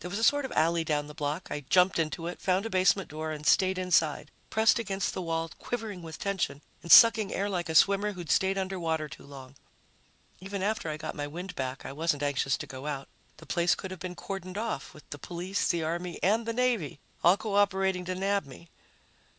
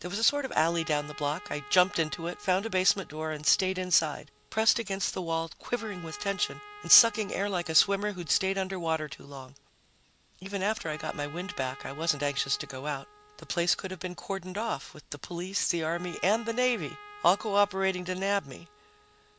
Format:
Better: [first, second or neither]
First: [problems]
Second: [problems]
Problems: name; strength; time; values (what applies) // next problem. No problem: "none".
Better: first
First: none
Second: background sound (Trumpet); 20 dB below the speech